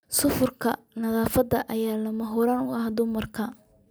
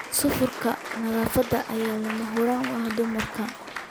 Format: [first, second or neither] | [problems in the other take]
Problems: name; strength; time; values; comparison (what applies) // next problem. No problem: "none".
first | background sound (Applause / Cheering); 9 dB below the speech